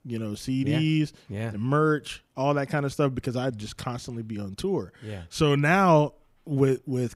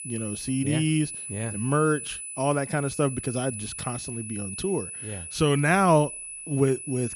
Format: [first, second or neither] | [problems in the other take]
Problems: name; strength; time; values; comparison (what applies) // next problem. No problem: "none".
first | high-pitched whine; loud; throughout; 10 kHz, 8 dB below the speech